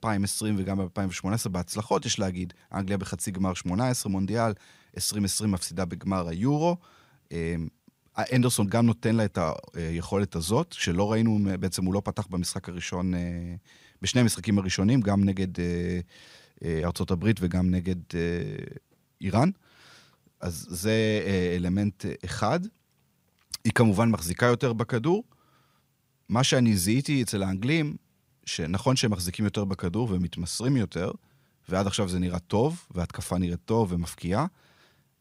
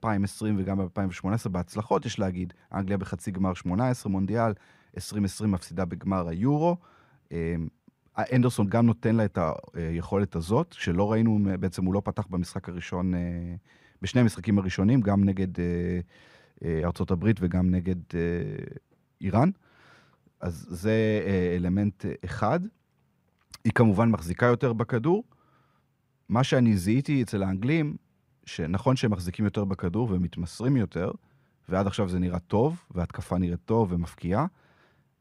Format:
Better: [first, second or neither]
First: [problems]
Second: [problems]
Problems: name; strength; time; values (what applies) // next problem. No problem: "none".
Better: first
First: none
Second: muffled; slightly; fading above 3 kHz